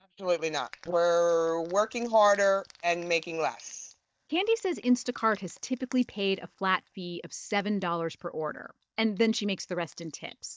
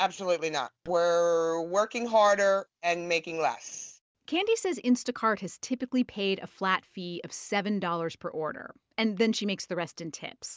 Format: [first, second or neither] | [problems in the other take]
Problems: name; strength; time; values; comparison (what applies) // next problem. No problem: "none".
second | noise reduction (neural mask model DeepFilterNet 3)